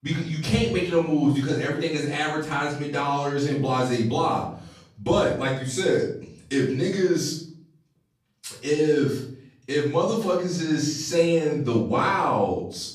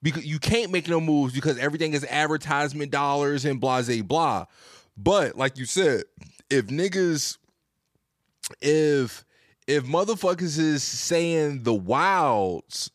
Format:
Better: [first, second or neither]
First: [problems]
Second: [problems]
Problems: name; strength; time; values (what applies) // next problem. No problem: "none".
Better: second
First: off-mic speech; far // room echo; noticeable; dies away in 0.6 s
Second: none